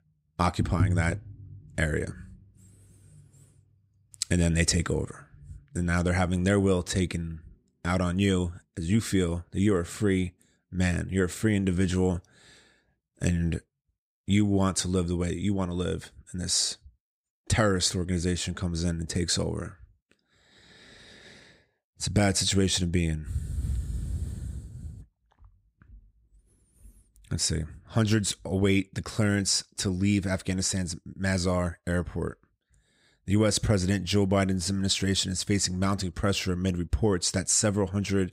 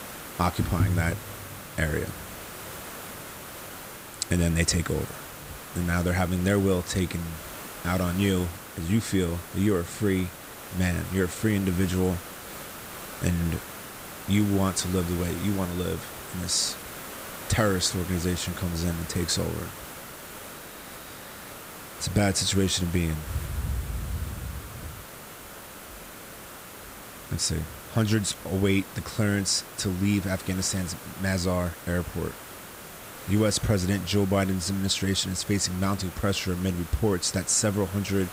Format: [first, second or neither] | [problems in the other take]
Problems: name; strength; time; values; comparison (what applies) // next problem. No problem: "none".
first | hiss; noticeable; throughout; 10 dB below the speech